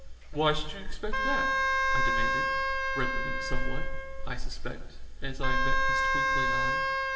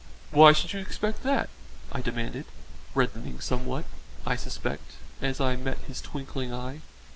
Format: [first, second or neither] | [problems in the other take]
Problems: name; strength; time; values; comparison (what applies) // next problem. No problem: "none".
second | background sound (Wind instrument, woodwind instrument); as loud as the speech // room echo; dies away in 1.6 s